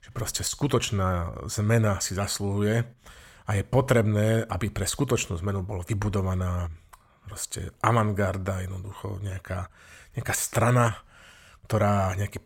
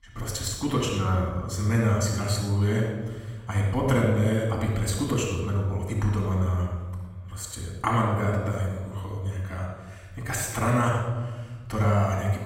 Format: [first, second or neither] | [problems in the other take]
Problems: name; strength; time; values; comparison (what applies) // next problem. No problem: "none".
first | off-mic speech; far // room echo; noticeable; dies away in 1.1 s